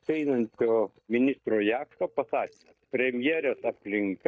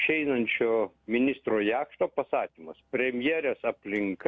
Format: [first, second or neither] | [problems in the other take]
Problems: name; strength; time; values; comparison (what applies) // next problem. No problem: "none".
second | noise reduction (neural mask model DeepFilterNet 3)